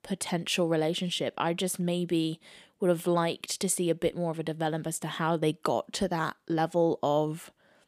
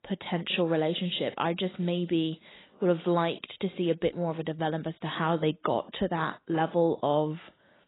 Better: first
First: none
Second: garbled, watery; badly; nothing above 4 kHz

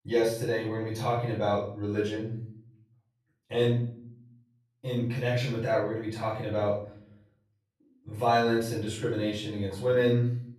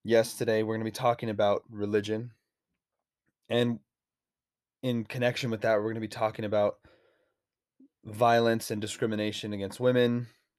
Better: second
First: off-mic speech; far // room echo; noticeable; dies away in 0.7 s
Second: none

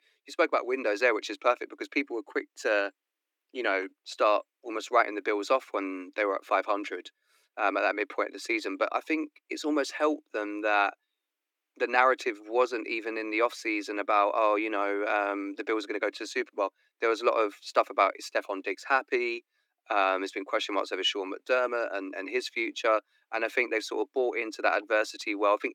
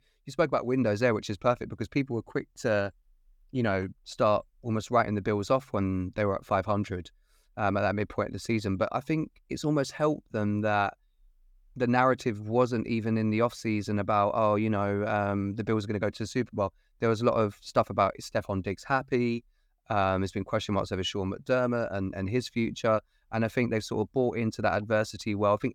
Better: second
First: thin; somewhat; fading below 300 Hz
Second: none

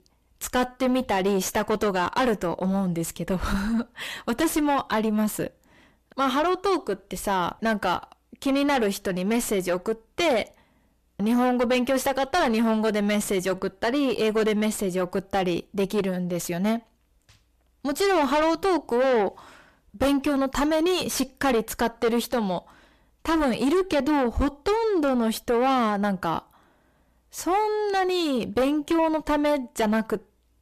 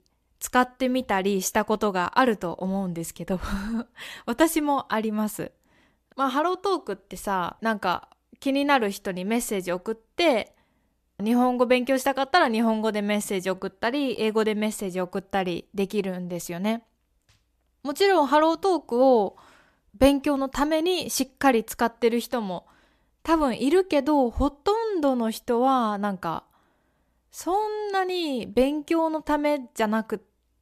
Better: second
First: distortion; heavy; 6 dB below the speech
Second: none

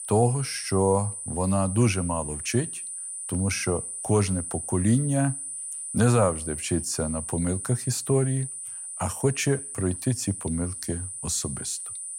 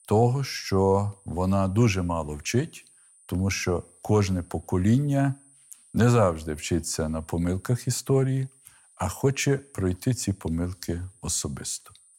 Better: second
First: high-pitched whine; loud; throughout; 9.5 kHz, 6 dB below the speech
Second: high-pitched whine; faint; throughout; 9.5 kHz, 30 dB below the speech

